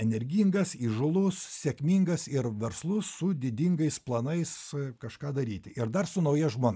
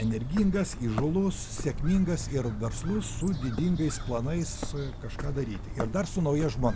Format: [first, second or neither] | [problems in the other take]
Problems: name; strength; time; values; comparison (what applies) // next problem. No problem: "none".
first | background sound (Bird); 6 dB below the speech